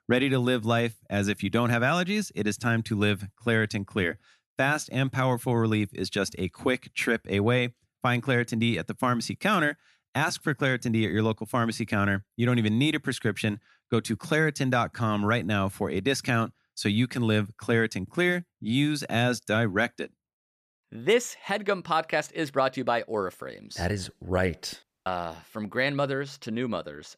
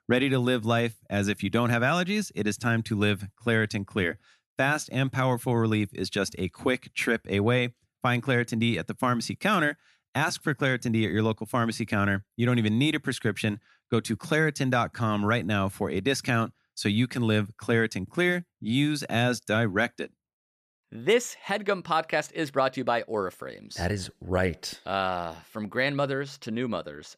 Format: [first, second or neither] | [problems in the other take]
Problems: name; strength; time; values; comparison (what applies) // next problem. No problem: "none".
second | audio cutting out; at 25 s